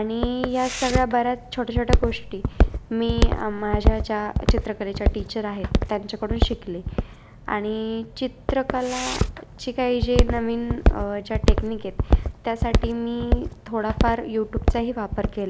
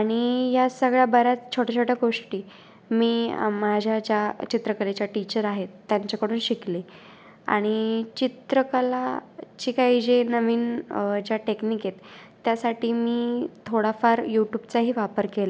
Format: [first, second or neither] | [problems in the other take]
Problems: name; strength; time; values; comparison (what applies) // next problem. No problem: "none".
second | background sound (Walk, footsteps); 2 dB above the speech